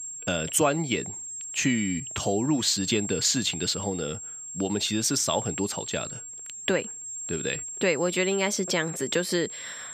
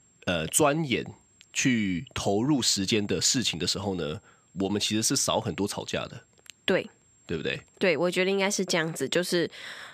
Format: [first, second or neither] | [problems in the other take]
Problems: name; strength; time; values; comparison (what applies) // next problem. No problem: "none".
second | high-pitched whine; loud; throughout; 7.5 kHz, 8 dB below the speech; faint in the second